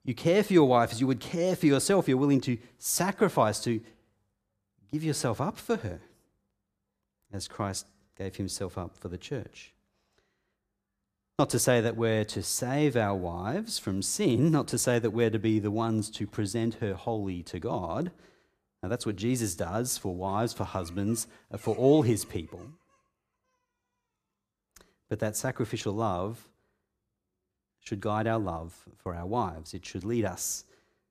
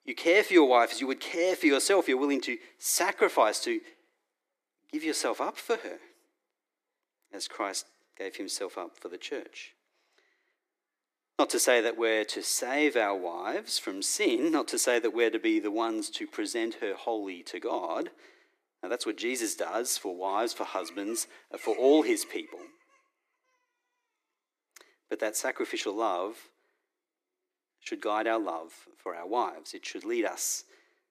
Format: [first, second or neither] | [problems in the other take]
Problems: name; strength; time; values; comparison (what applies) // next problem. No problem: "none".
first | thin; somewhat; fading below 300 Hz